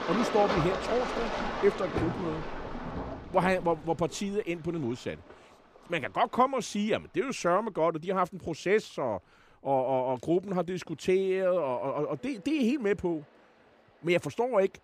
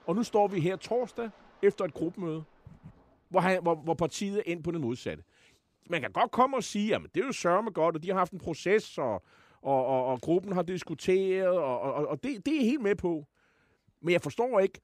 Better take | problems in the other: second | rain or running water; loud; throughout; 5 dB below the speech; faint in the second

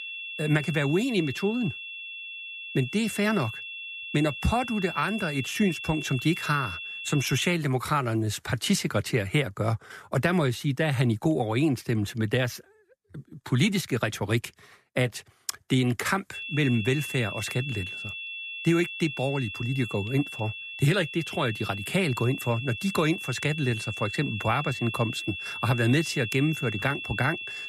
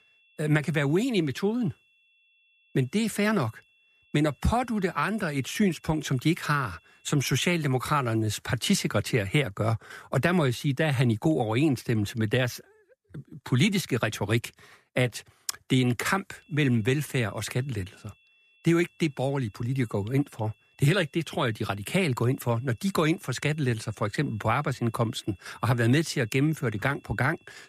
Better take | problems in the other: second | high-pitched whine; loud; until 7.5 s and from 16 s on; 2.5 kHz, 7 dB below the speech; faint in the second

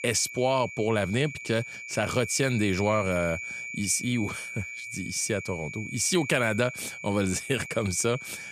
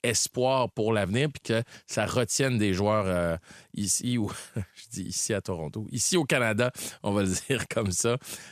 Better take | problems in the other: second | high-pitched whine; loud; throughout; 2.5 kHz, 9 dB below the speech

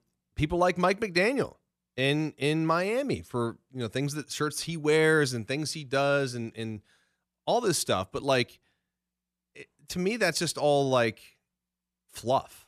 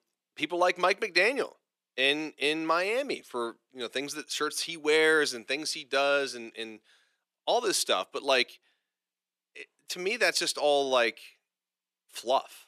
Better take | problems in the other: first | thin; somewhat; fading below 350 Hz

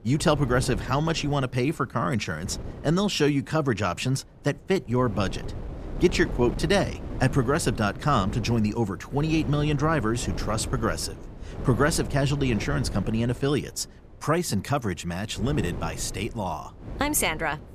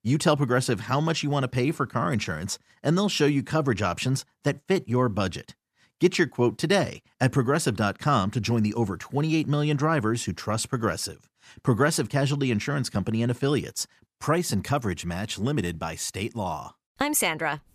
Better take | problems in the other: second | wind noise on the microphone; occasional gusts; 15 dB below the speech

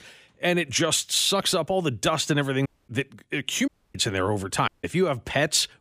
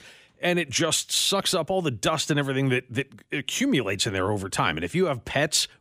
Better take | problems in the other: second | audio cutting out; at 2.5 s, at 3.5 s and at 4.5 s

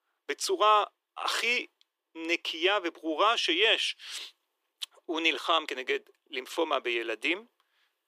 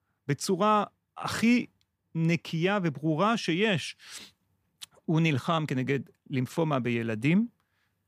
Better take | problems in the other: second | thin; very; fading below 350 Hz

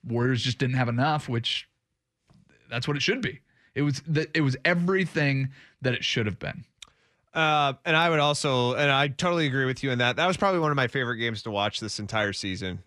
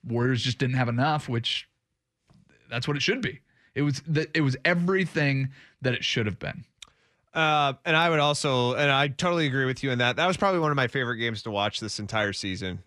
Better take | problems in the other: neither | none

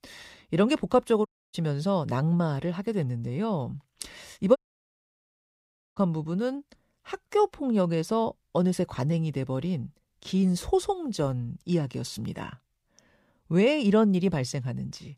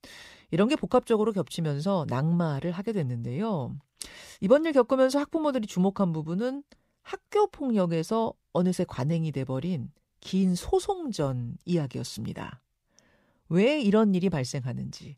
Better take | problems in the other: second | audio cutting out; at 1.5 s and at 4.5 s for 1.5 s

